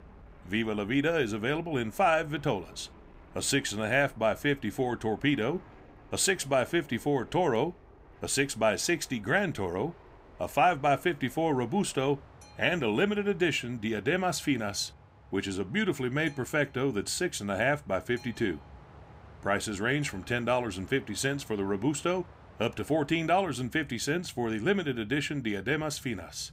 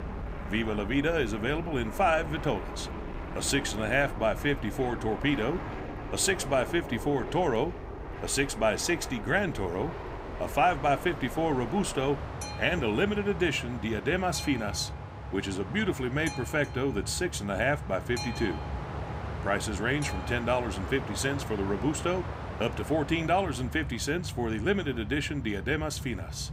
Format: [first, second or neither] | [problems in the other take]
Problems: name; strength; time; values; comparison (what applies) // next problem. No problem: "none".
first | train or aircraft noise; loud; throughout; 9 dB below the speech; faint in the first